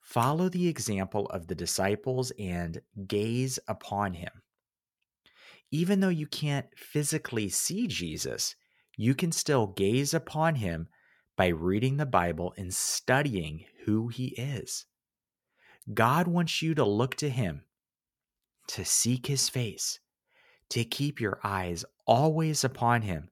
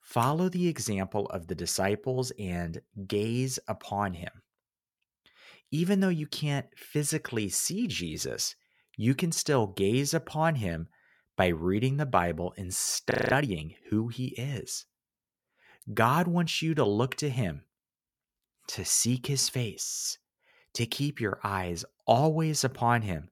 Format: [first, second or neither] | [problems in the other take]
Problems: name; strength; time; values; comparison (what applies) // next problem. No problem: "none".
first | audio freezing; at 13 s and at 20 s